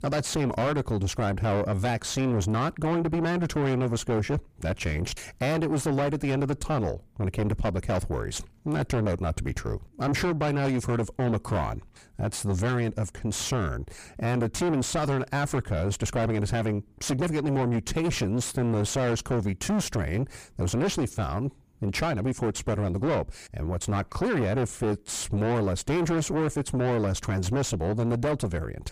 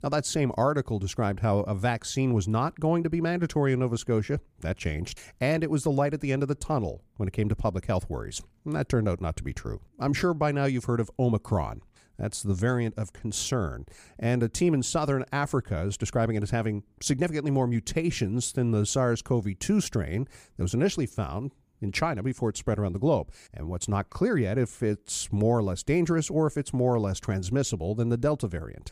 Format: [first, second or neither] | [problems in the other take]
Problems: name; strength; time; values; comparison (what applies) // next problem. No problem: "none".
second | distortion; heavy; 5 dB below the speech